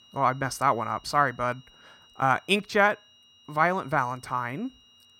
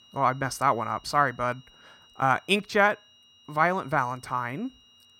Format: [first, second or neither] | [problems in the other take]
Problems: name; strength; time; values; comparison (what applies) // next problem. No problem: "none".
neither | high-pitched whine; faint; throughout; 3 kHz, 30 dB below the speech; the same in both